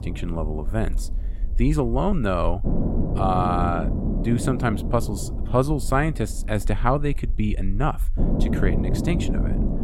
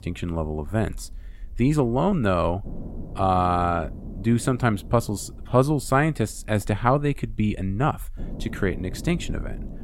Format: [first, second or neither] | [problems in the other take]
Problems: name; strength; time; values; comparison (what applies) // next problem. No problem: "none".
second | low rumble; loud; throughout; 8 dB below the speech; faint in the second